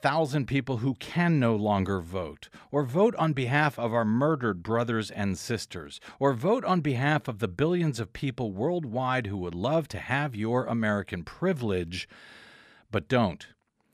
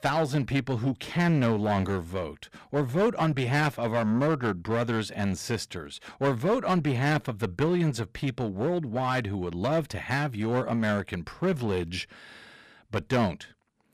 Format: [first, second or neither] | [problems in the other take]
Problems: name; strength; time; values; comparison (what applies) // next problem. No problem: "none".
first | distortion; slight; 8% of the sound clipped